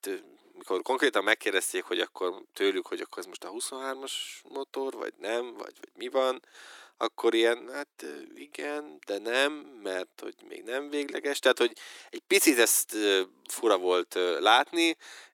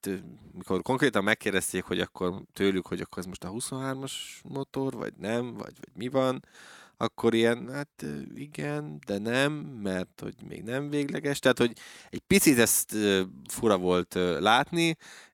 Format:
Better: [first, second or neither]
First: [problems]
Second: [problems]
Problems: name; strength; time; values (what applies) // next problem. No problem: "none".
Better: second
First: thin; somewhat; fading below 300 Hz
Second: none